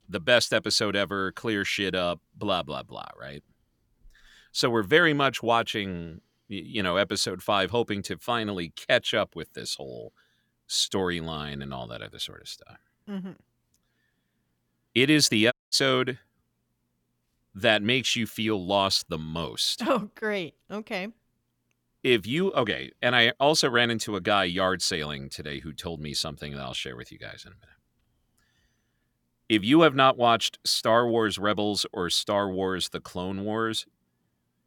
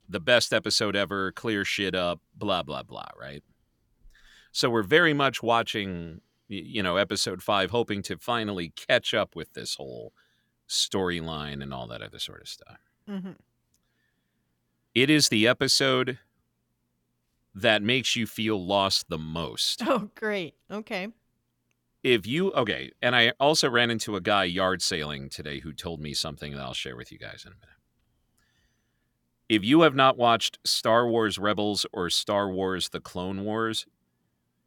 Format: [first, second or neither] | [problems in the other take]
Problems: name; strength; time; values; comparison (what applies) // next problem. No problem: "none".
second | audio cutting out; at 16 s